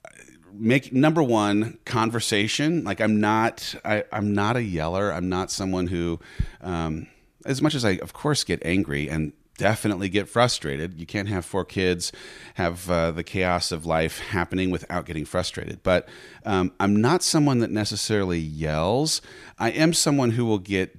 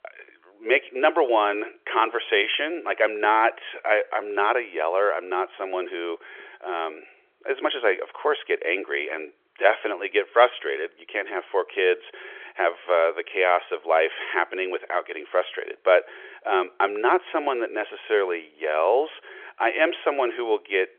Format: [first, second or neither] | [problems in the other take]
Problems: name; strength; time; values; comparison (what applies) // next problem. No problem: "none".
first | phone-call audio; nothing above 3.5 kHz